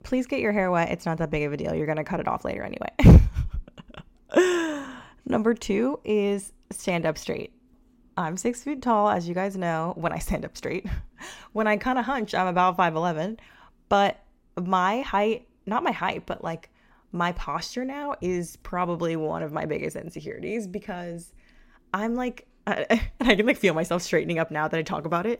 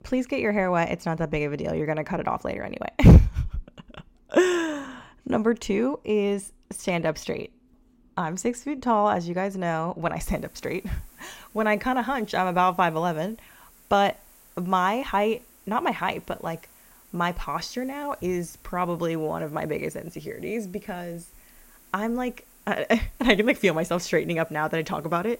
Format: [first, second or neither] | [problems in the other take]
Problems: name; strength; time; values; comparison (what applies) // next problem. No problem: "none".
first | hiss; faint; from 10 s on; 25 dB below the speech